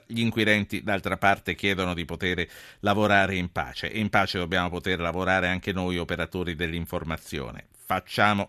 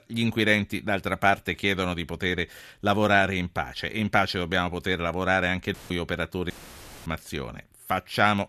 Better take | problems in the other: first | audio cutting out; filled with static; at 5.5 s and at 6.5 s for 0.5 s

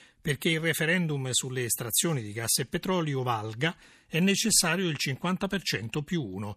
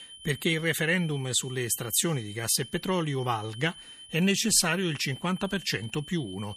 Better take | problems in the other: first | high-pitched whine; noticeable; throughout; 3 kHz, 15 dB below the speech

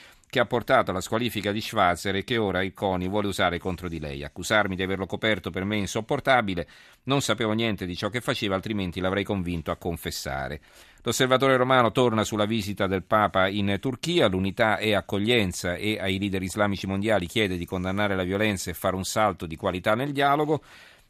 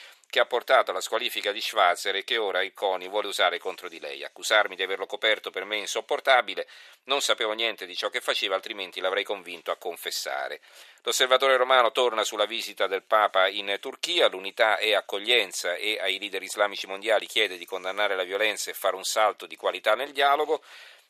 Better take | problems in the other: first | thin; very; fading below 450 Hz

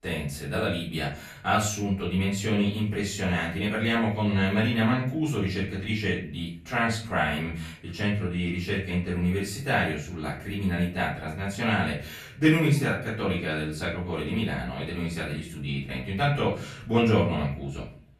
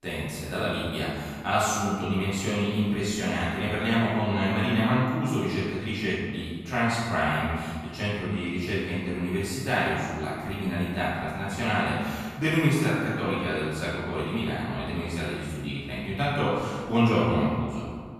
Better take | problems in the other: first | room echo; strong; dies away in 1.6 s; slight in the first // off-mic speech; far; far in the first

